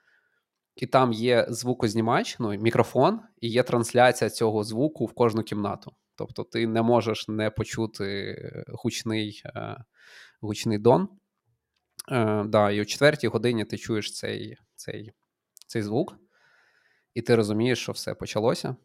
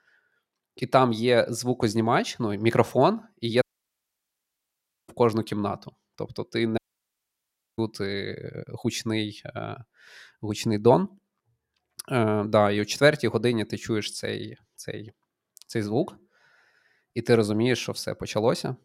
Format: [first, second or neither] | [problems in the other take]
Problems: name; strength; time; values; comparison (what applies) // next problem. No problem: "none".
first | audio cutting out; at 3.5 s for 1.5 s and at 7 s for 1 s